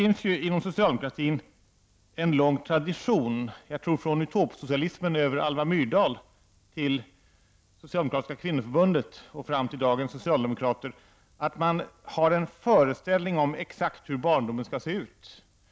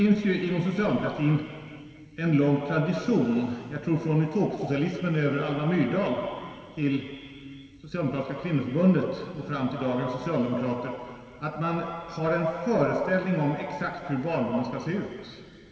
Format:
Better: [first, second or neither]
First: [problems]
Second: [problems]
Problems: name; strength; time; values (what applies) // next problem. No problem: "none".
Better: first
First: none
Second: room echo; dies away in 2.5 s